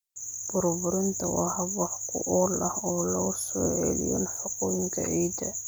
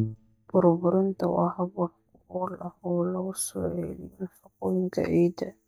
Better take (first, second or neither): first